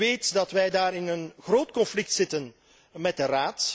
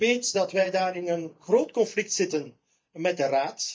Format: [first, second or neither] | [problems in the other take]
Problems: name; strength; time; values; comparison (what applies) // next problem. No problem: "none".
first | noise reduction (neural mask model DeepFilterNet 3)